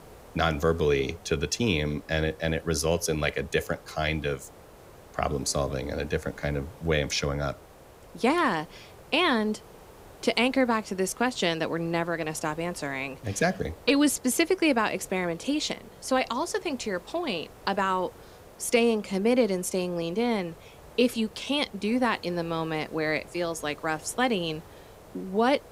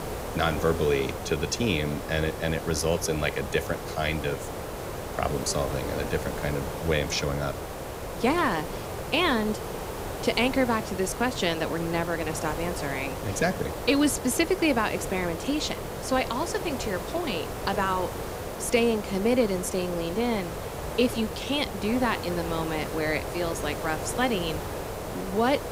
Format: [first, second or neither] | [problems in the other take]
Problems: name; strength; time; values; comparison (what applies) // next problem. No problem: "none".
first | hiss; loud; throughout; 7 dB below the speech; faint in the first